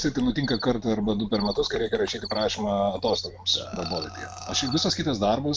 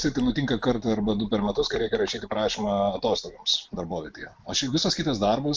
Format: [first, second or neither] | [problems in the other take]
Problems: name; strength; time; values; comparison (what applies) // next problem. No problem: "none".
second | background sound (Cricket + Burping, eructation); 13 dB below the speech